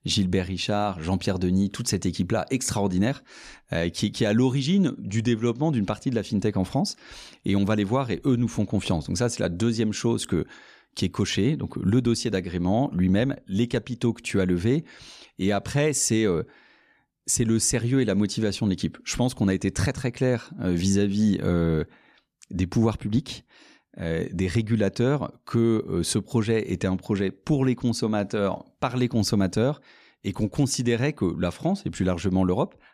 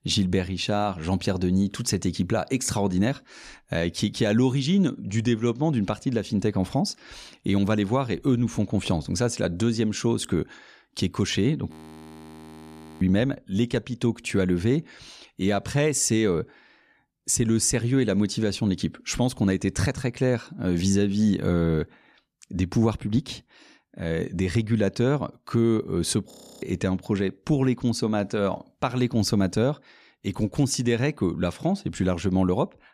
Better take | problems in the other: first | audio freezing; at 12 s for 1.5 s and at 26 s

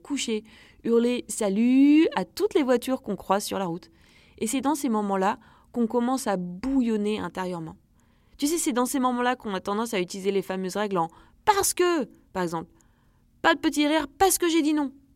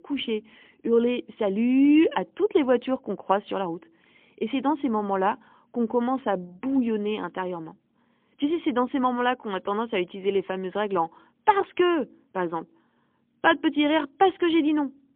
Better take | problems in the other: first | phone-call audio; poor line; nothing above 3.5 kHz

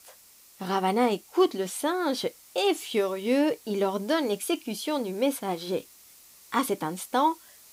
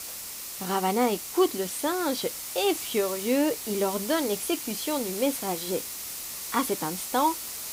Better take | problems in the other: first | hiss; loud; throughout; 6 dB below the speech; faint in the first

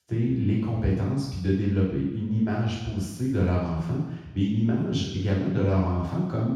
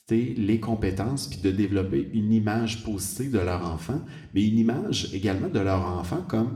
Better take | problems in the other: second | room echo; strong; dies away in 1.1 s; slight in the second // off-mic speech; far

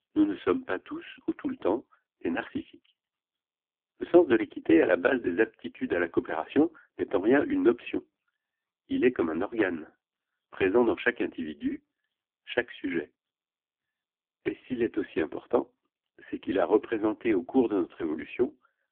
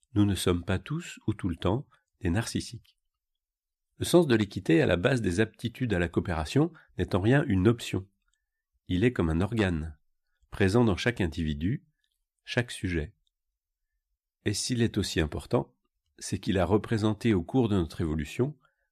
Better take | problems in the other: second | phone-call audio; poor line

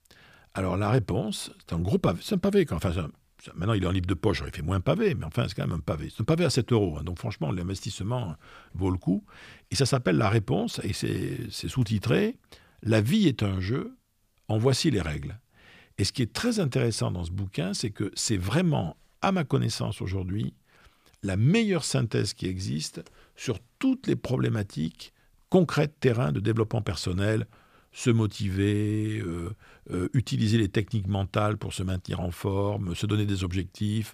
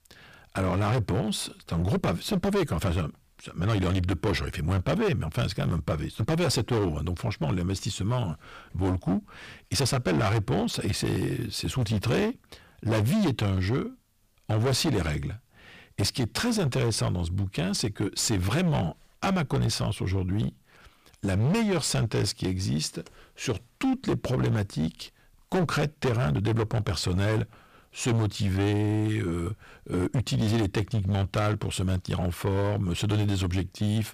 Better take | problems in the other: first | distortion; heavy; 16% of the sound clipped

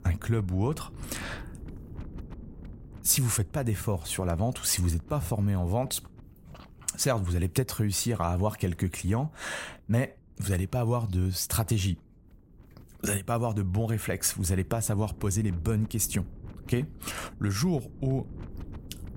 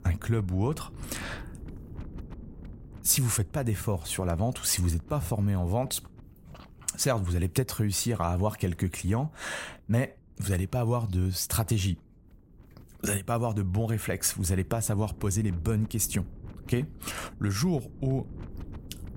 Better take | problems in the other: neither | wind noise on the microphone; occasional gusts; 25 dB below the speech; the same in both

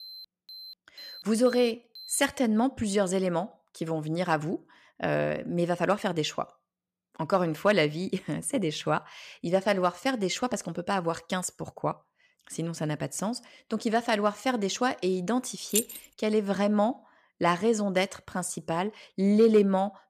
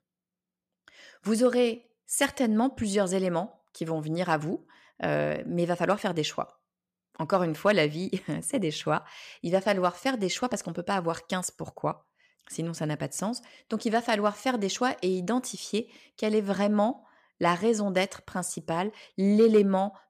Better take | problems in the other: second | alarm; faint; until 2 s; peak 15 dB below the speech // jangling keys; noticeable; at 16 s; peak 1 dB below the speech

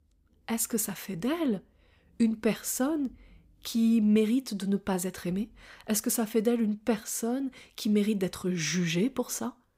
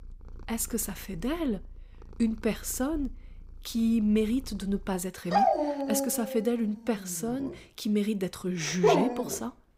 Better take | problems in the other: first | animal sounds; very loud; throughout; 1 dB above the speech

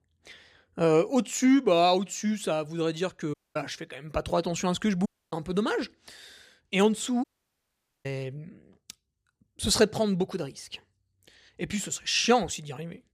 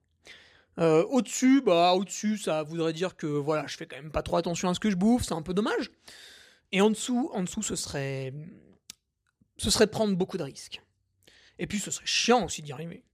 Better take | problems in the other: second | audio cutting out; at 3.5 s, at 5 s and at 7 s for 1 s

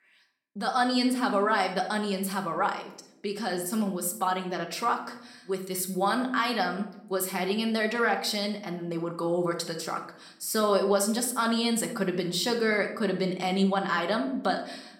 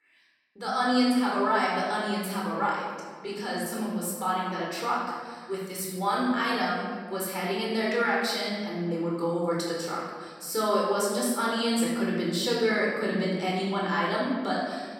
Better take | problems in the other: first | room echo; strong; dies away in 1.7 s; slight in the first // off-mic speech; far

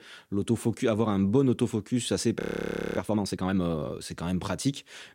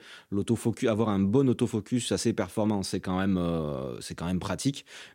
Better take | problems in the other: second | audio freezing; at 2.5 s for 0.5 s

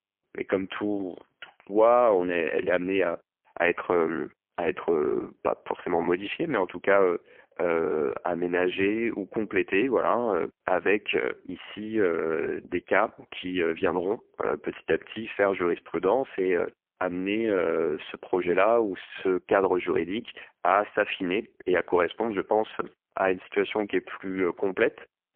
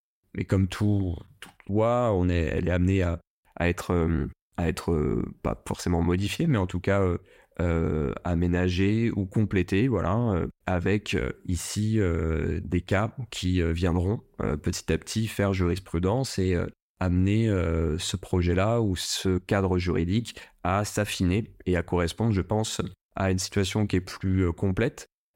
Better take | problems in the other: second | phone-call audio; poor line

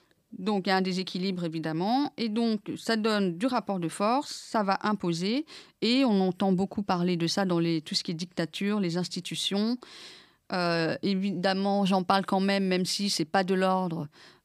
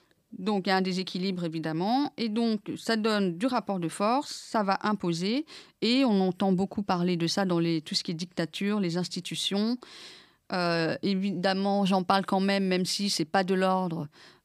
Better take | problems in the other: neither | none

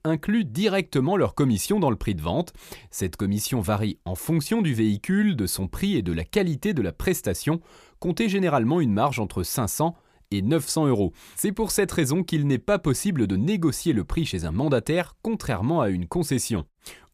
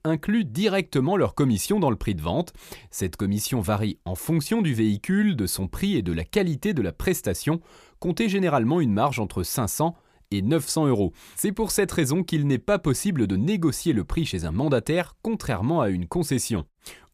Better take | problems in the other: neither | none

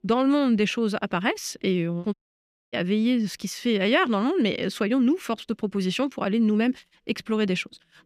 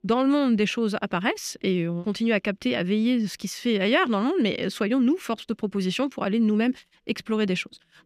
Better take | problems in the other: second | audio cutting out; at 2 s for 0.5 s

